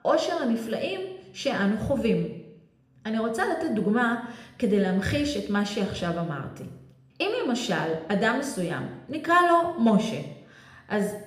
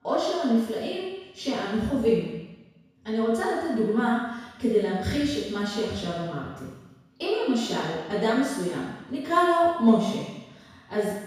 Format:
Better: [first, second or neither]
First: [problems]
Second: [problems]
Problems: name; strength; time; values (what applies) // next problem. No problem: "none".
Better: first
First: room echo; slight; dies away in 0.8 s // off-mic speech; somewhat distant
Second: room echo; strong; dies away in 1.1 s // off-mic speech; far